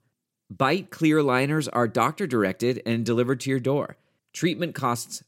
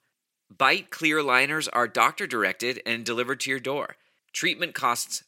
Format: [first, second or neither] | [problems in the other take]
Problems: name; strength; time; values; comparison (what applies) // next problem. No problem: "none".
first | thin; somewhat; fading below 1 kHz